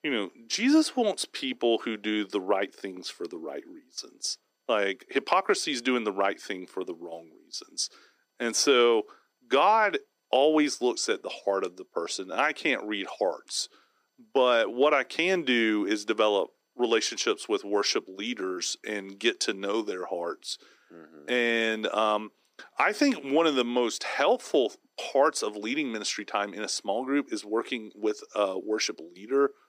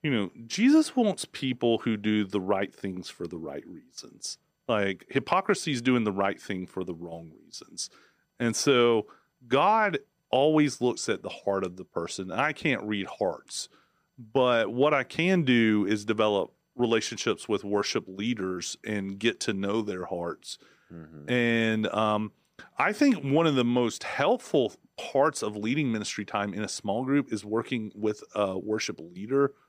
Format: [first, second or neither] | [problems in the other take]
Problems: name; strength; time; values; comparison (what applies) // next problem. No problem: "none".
second | thin; very slightly; fading below 300 Hz